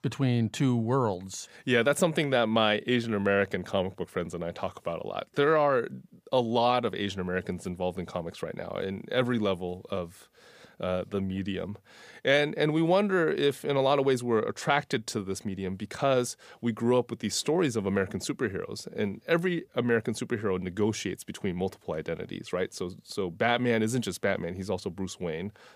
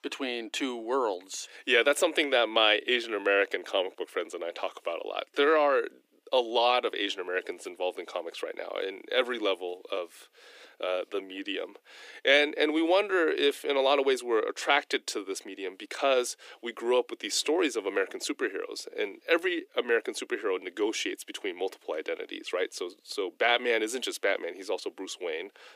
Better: first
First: none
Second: thin; somewhat; fading below 300 Hz

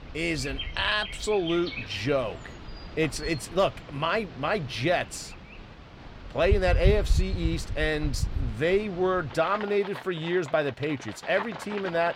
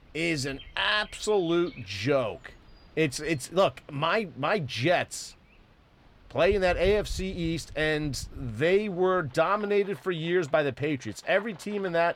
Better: second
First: animal sounds; loud; throughout; 7 dB below the speech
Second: animal sounds; faint; throughout; 20 dB below the speech

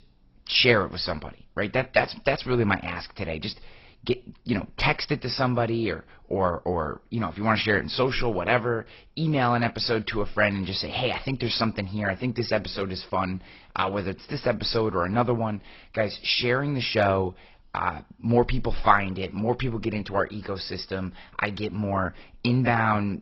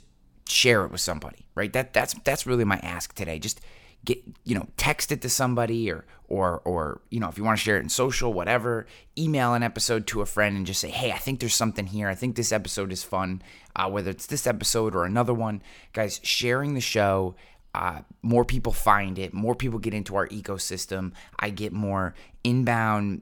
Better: second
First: garbled, watery; badly; nothing above 5.5 kHz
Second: none

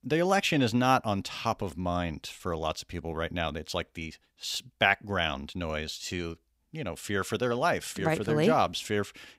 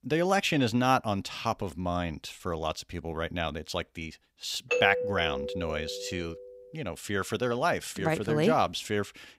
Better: first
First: none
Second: doorbell; loud; from 4.5 to 6.5 s; peak 1 dB above the speech

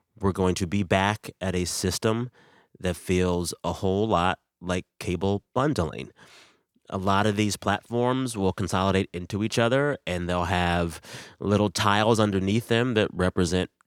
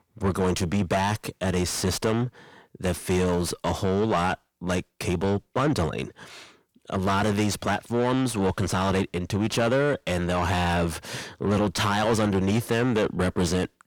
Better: first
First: none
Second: distortion; heavy; 7 dB below the speech

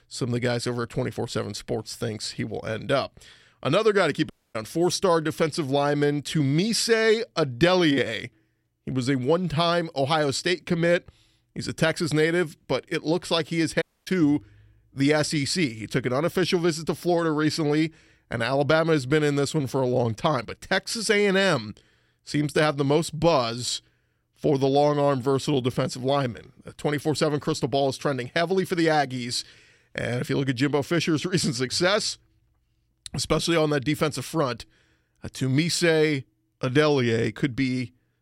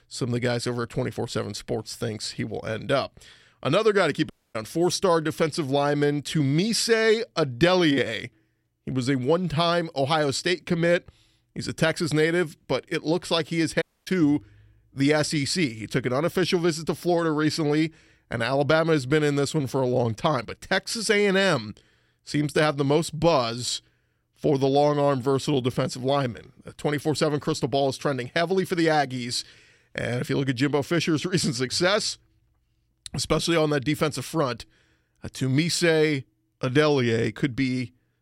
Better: neither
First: audio cutting out; at 4.5 s and at 14 s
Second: audio cutting out; at 4.5 s and at 14 s

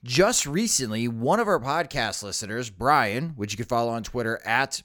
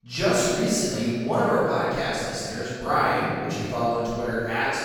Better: first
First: none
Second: off-mic speech; far // room echo; strong; dies away in 2 s

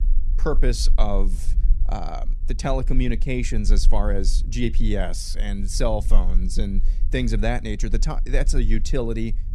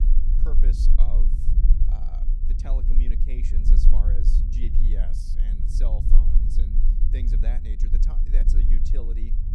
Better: first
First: low rumble; faint; throughout; 20 dB below the speech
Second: low rumble; loud; throughout; 1 dB below the speech

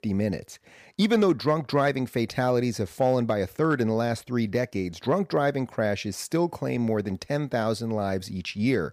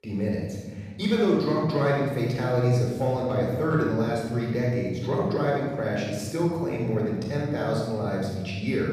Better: first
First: none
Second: off-mic speech; far // room echo; strong; dies away in 2 s

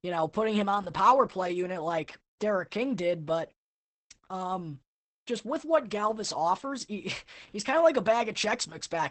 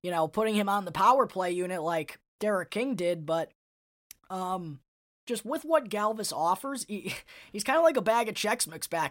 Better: second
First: garbled, watery; badly; nothing above 8 kHz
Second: none

